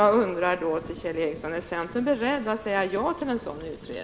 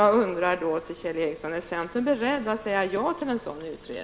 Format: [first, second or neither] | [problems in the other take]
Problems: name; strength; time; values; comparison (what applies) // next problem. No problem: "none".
second | background sound (Thunder); 19 dB below the speech